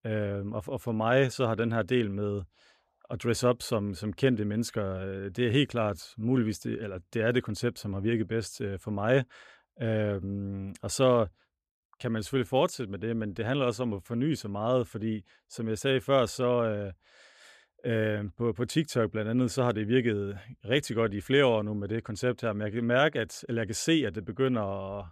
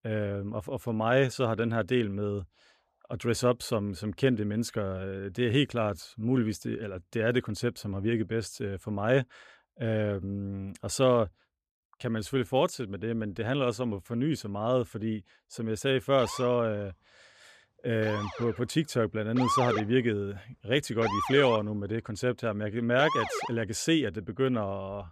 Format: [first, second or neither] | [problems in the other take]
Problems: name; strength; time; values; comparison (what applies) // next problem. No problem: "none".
first | siren; loud; from 16 to 23 s; peak 1 dB above the speech